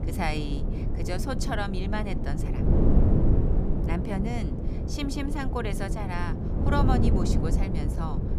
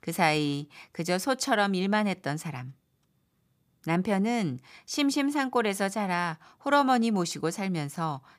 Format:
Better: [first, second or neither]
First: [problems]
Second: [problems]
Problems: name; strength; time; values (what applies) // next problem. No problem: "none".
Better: second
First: wind noise on the microphone; heavy; 3 dB below the speech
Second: none